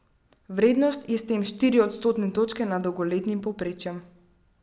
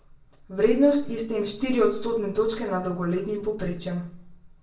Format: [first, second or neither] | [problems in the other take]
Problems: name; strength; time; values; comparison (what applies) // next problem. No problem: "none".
first | room echo; dies away in 0.3 s